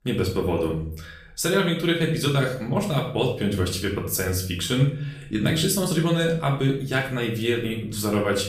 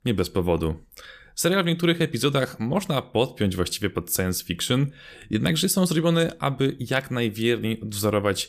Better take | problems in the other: second | room echo; slight; dies away in 0.5 s // off-mic speech; far

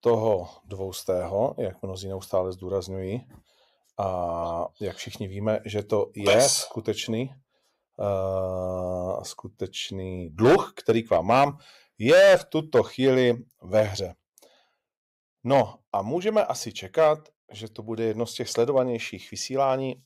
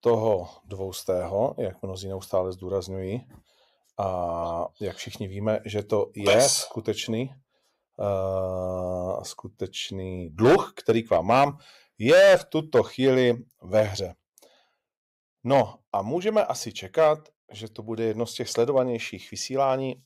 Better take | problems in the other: neither | distortion; heavy; 1.9% of the sound clipped; the same in both

